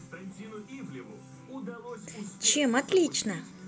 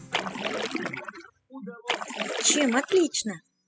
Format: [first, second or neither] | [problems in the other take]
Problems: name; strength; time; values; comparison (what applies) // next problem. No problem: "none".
first | noise reduction (classical method spectral subtraction)